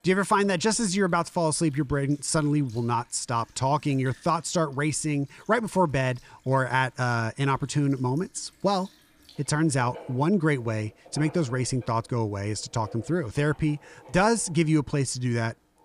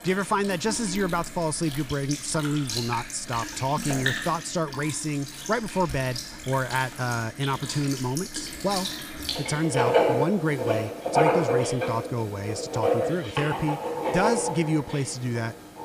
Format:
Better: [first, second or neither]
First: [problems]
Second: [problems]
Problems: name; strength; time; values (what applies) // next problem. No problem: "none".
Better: first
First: household noises; faint; throughout; 25 dB below the speech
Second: household noises; loud; throughout; 2 dB below the speech